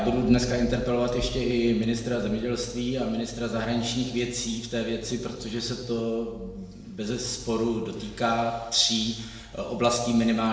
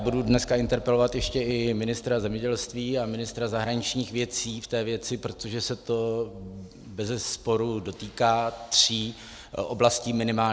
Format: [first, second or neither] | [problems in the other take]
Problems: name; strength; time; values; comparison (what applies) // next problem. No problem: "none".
second | room echo; dies away in 1 s